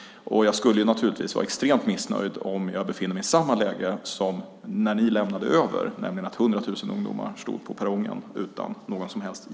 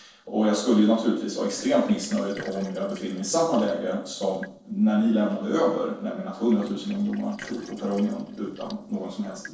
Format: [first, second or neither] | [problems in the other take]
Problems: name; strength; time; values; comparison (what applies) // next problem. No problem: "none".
first | noise reduction (neural separator model SepFormer DNS4)